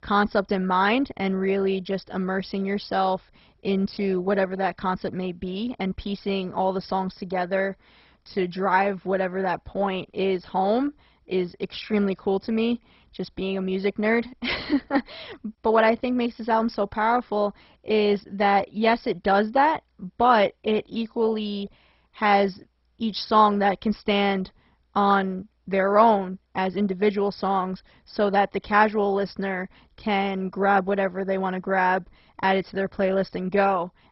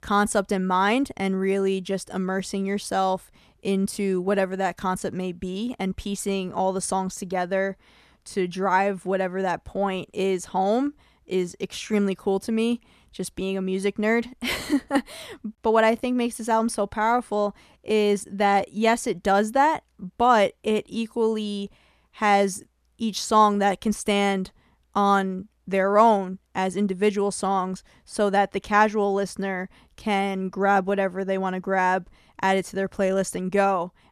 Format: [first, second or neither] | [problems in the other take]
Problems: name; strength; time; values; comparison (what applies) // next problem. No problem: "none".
second | garbled, watery; badly; nothing above 5.5 kHz